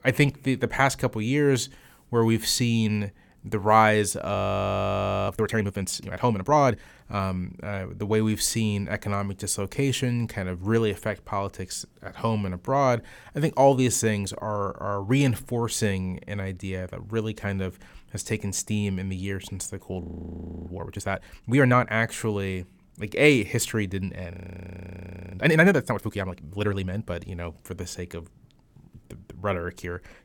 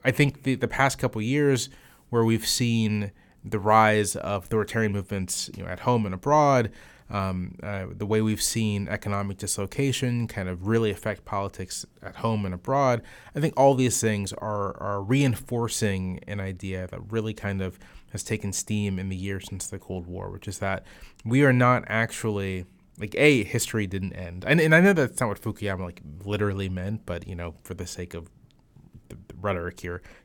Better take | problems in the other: second | audio freezing; at 4.5 s for 1 s, at 20 s for 0.5 s and at 24 s for 1 s

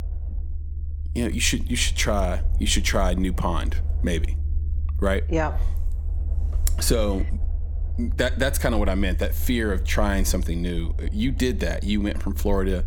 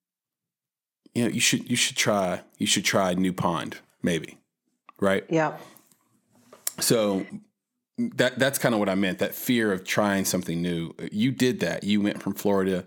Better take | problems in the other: second | low rumble; faint; throughout; 20 dB below the speech

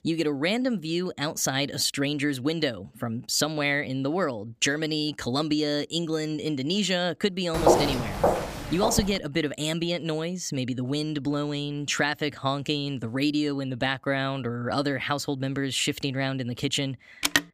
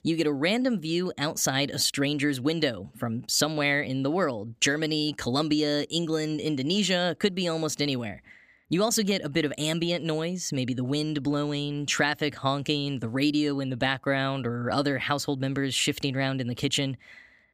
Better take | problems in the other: second | footsteps; loud; from 7.5 to 9 s; peak 6 dB above the speech // phone ringing; loud; at 17 s; peak 3 dB above the speech

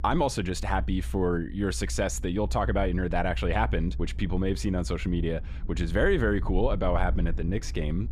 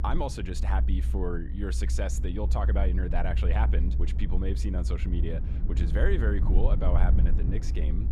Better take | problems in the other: first | low rumble; loud; throughout; 9 dB below the speech; faint in the first

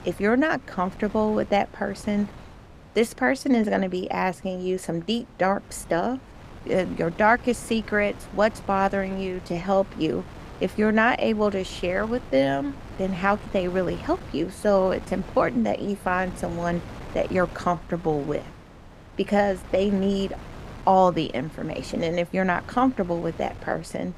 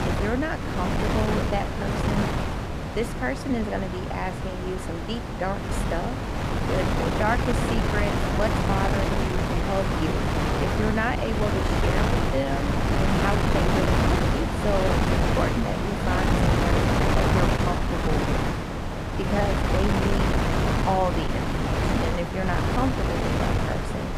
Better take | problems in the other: first | wind noise on the microphone; heavy; 3 dB above the speech; occasional gusts in the first

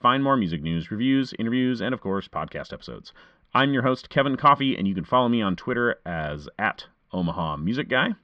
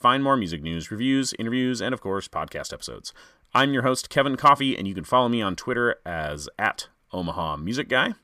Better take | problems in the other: second | muffled; slightly; fading above 4 kHz

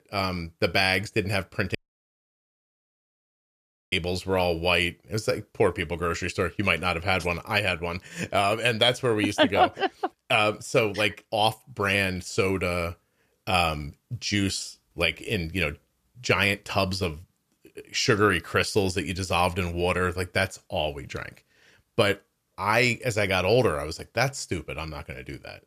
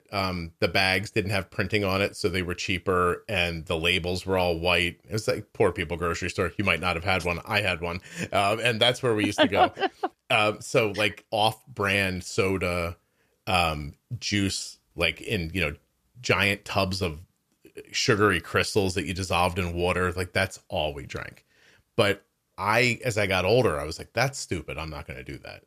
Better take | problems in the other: second | audio cutting out; at 2 s for 2 s

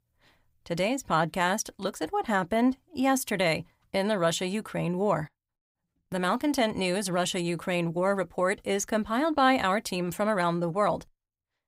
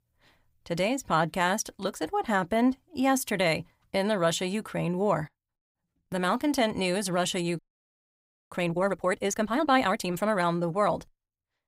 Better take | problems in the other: first | audio freezing; at 7.5 s for 1 s

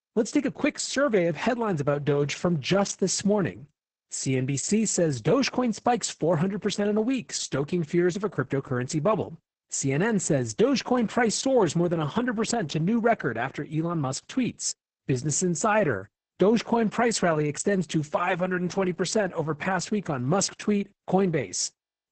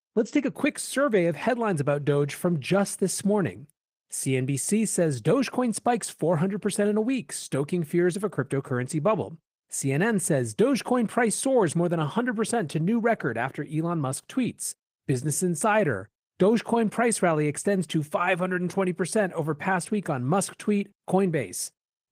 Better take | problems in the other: second | garbled, watery; badly; nothing above 8 kHz; slightly in the second

